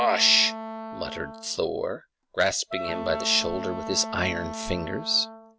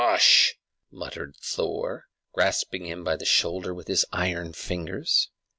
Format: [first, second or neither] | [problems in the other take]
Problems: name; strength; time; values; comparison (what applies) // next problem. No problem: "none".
second | background sound (Wind instrument, woodwind instrument); 9 dB below the speech